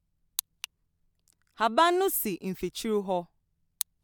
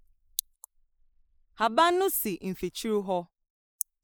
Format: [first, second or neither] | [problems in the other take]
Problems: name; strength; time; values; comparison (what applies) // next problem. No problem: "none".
first | noise reduction (neural mask model Resemble Enhance denoiser)